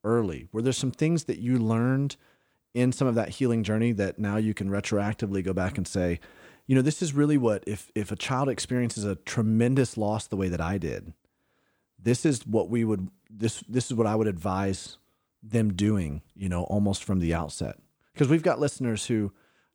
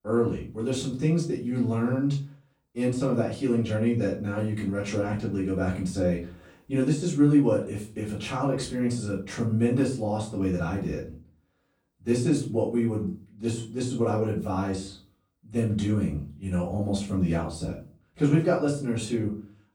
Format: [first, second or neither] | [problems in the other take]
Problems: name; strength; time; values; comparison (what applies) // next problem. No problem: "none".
first | off-mic speech; far // room echo; slight; dies away in 0.3 s